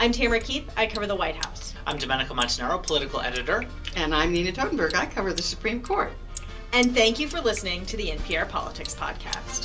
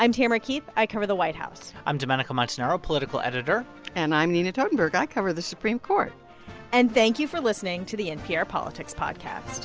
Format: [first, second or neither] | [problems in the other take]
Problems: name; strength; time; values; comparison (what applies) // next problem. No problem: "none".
second | background sound (Sink (filling or washing)); 9 dB below the speech // room echo; dies away in 0.2 s